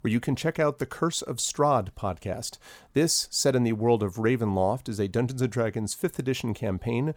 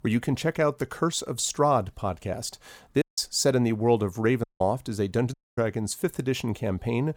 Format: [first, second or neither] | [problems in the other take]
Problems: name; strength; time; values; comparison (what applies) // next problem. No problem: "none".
first | audio cutting out; at 3 s, at 4.5 s and at 5.5 s